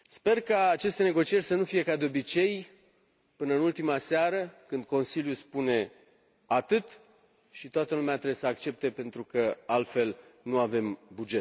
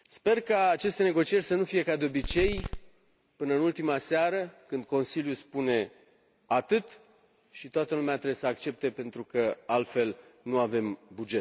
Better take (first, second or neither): first